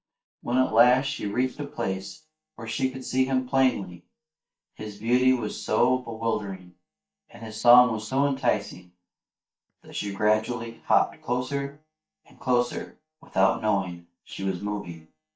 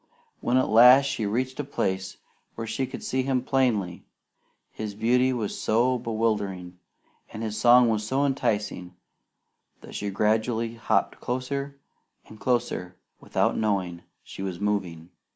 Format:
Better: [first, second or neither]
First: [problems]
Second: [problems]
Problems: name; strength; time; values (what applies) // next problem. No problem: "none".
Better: second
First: noise reduction (neural mask model DeepFilterNet 3)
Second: none